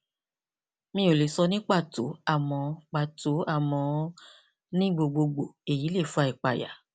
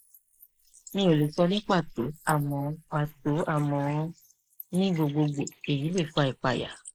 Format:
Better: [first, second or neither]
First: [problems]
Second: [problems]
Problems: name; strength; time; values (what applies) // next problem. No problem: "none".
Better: first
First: none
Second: noise reduction (neural mask model Resemble Enhance denoiser)